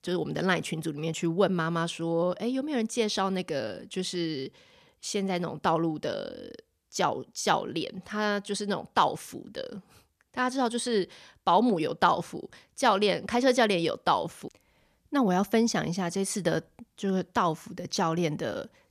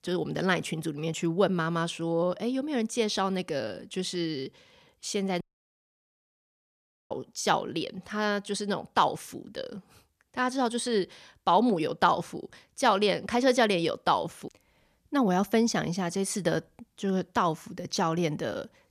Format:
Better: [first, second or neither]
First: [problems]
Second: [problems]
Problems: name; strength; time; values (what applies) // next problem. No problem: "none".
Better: first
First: none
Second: audio cutting out; at 5.5 s for 1.5 s